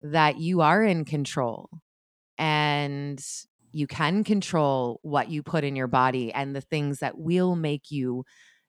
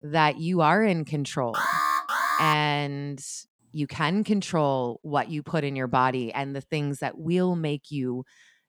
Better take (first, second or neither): first